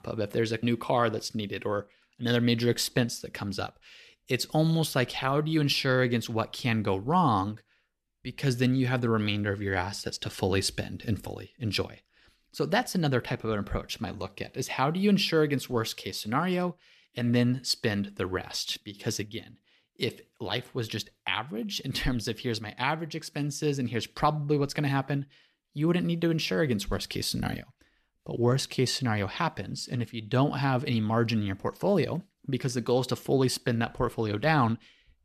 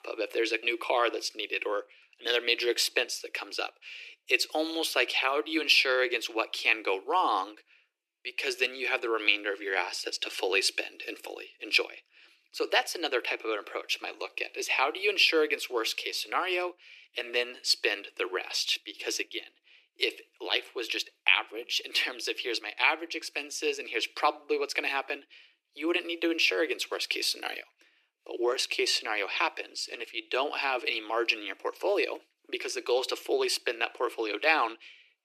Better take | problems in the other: first | thin; very; fading below 350 Hz

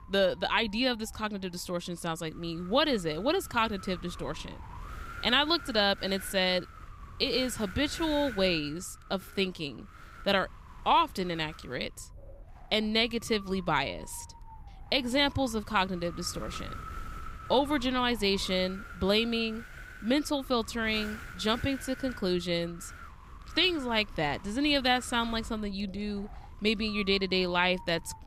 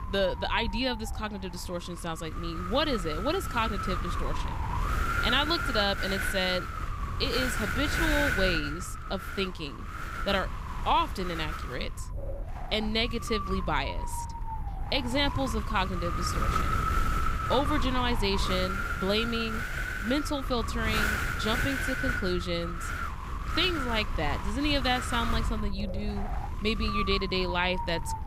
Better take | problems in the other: first | wind noise on the microphone; heavy; 2 dB below the speech; occasional gusts in the first

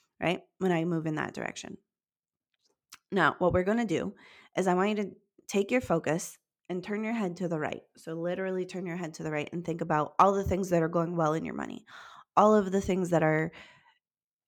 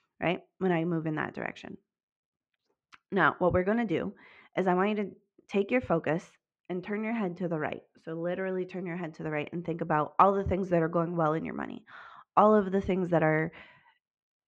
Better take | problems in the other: first | muffled; very; fading above 2.5 kHz

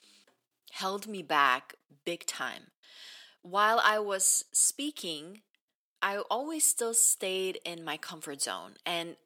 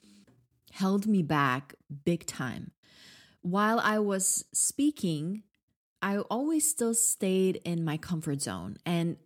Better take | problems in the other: second | thin; very; fading below 650 Hz

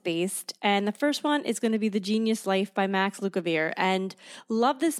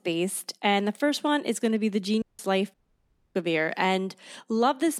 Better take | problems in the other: first | audio cutting out; at 2 s and at 2.5 s for 0.5 s

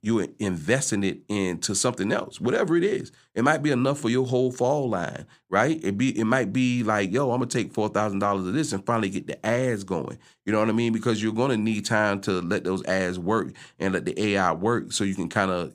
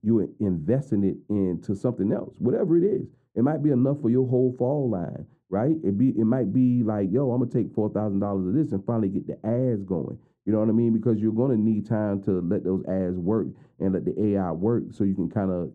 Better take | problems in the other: first | muffled; very; fading above 1 kHz

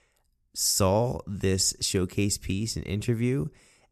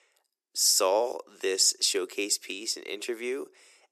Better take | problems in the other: first | thin; very; fading below 350 Hz

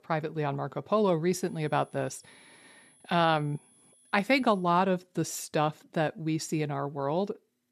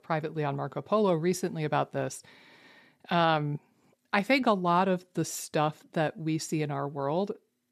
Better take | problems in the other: second | high-pitched whine; faint; from 1.5 to 4.5 s; 10.5 kHz, 30 dB below the speech

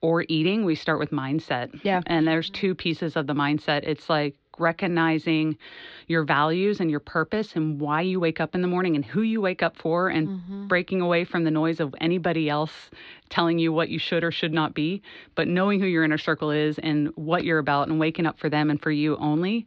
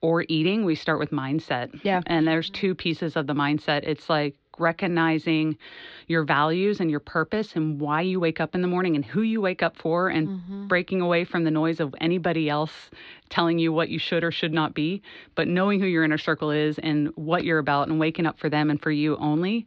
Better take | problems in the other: neither | muffled; very slightly; fading above 4 kHz; the same in both

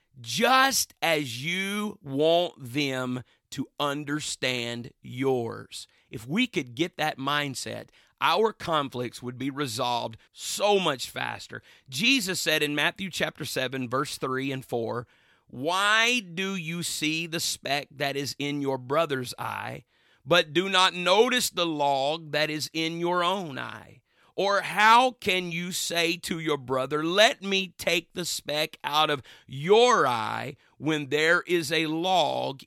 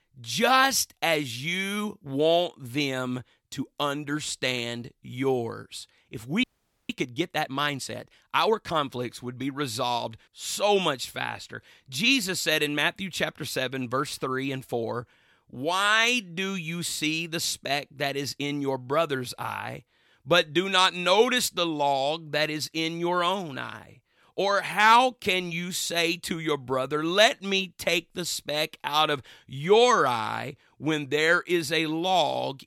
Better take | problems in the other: first | audio freezing; at 6.5 s

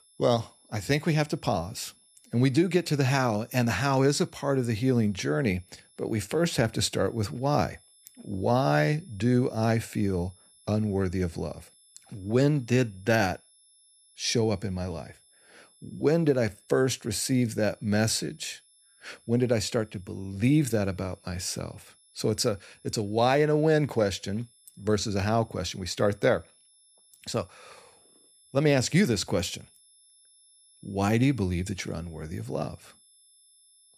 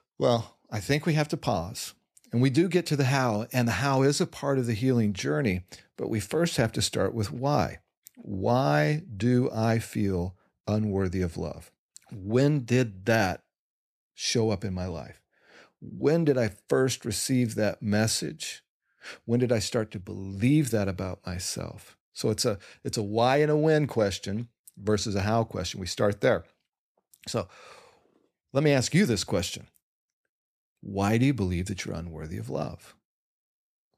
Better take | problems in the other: second | high-pitched whine; faint; throughout; 11 kHz, 30 dB below the speech

